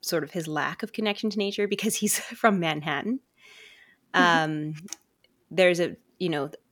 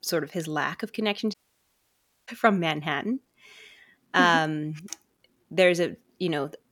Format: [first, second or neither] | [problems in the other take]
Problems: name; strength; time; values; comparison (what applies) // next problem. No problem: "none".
first | audio cutting out; at 1.5 s for 1 s